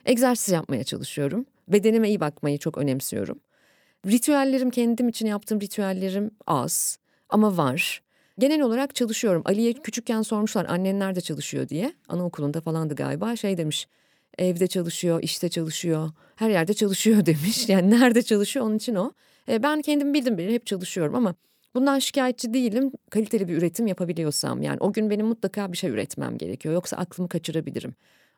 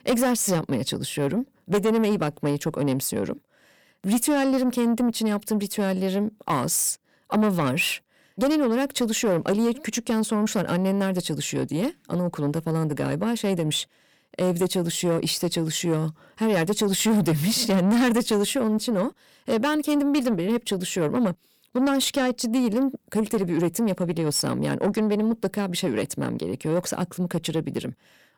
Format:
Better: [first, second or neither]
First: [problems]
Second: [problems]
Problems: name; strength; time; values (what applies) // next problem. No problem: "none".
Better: first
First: none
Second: distortion; slight; 10 dB below the speech